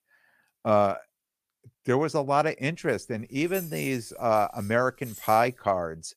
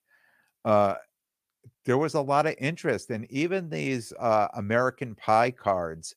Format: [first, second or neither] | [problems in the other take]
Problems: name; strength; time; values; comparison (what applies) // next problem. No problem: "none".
second | jangling keys; faint; from 3 to 5.5 s; peak 10 dB below the speech